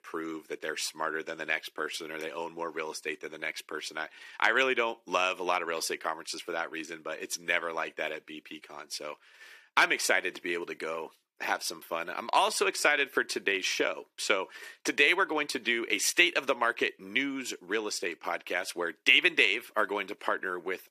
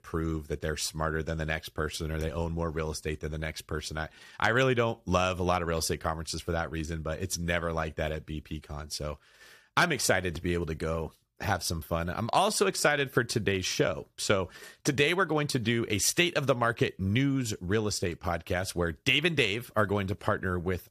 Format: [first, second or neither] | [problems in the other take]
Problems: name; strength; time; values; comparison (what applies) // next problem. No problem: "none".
second | thin; somewhat; fading below 300 Hz